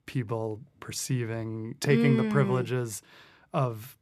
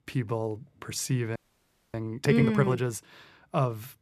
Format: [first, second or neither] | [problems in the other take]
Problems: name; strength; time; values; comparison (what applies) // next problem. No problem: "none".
first | audio freezing; at 1.5 s for 0.5 s